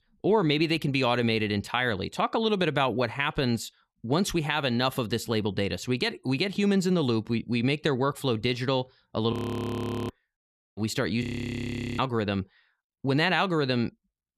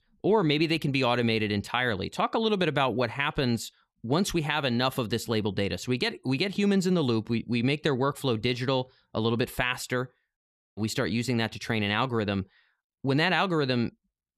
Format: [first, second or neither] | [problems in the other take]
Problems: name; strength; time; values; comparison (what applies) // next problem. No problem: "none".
second | audio freezing; at 9.5 s for 1 s and at 11 s for 1 s